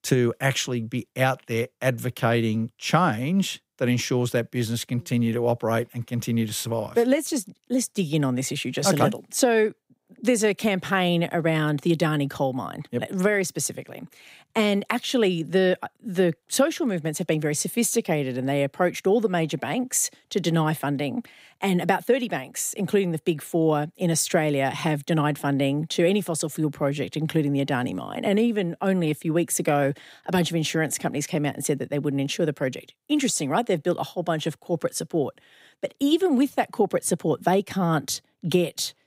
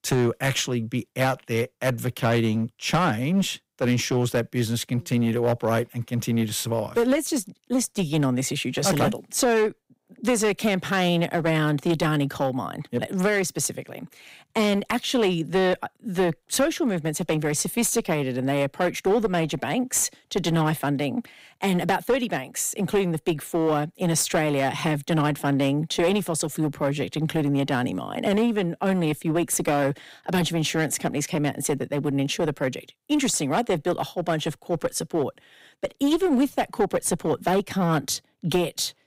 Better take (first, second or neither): first